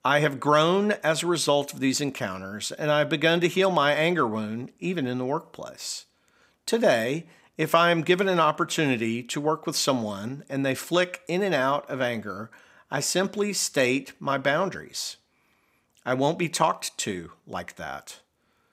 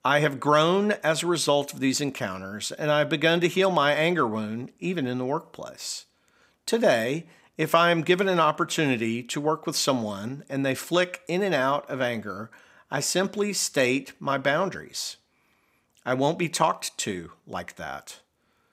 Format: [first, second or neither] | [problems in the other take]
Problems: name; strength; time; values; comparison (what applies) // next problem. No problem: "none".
neither | none